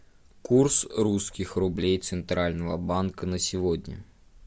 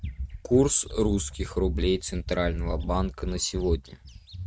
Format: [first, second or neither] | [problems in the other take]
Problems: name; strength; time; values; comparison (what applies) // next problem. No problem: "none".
first | noise reduction (neural mask model RNNoise)